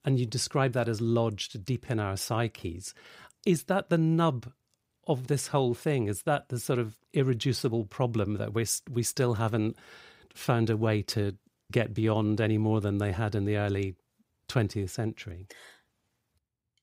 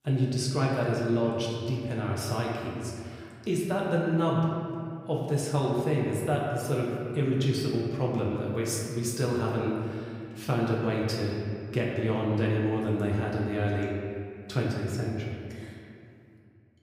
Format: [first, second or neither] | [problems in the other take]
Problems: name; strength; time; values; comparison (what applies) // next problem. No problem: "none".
first | off-mic speech; far // room echo; noticeable; dies away in 2.1 s